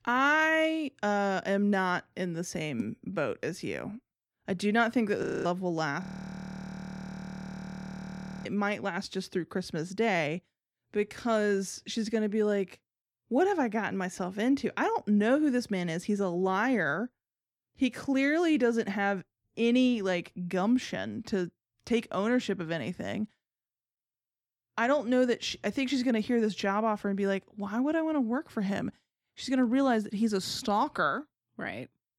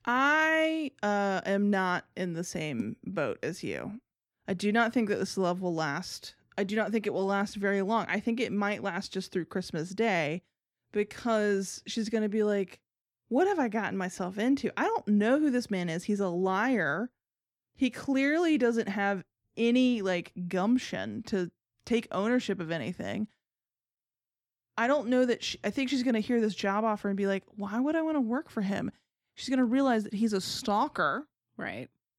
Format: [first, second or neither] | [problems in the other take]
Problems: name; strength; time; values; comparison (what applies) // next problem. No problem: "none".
second | audio freezing; at 5 s and at 6 s for 2.5 s